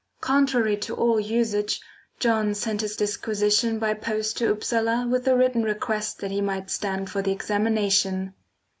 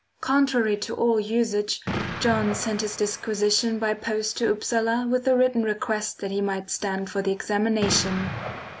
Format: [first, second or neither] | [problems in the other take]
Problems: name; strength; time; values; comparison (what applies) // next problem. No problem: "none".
first | background sound (Explosion); 12 dB below the speech